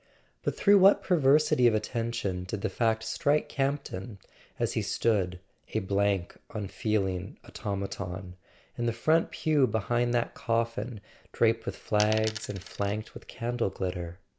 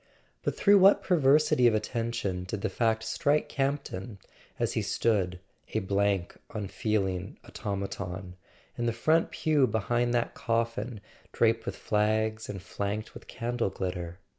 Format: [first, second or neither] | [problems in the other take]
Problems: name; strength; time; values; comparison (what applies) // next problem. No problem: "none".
second | background sound (Coin (dropping)); 11 dB below the speech